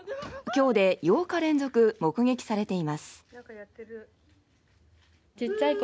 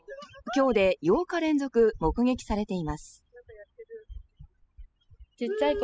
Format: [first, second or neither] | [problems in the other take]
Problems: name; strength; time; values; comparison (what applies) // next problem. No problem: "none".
first | noise reduction (classical method spectral subtraction)